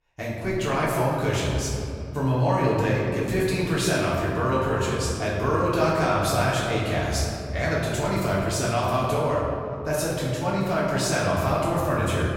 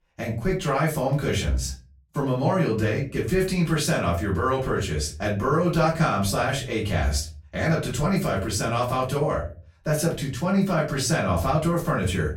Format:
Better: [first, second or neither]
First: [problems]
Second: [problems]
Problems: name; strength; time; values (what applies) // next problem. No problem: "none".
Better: second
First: room echo; strong; dies away in 2.4 s // off-mic speech; far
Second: room echo; slight; dies away in 0.3 s // off-mic speech; far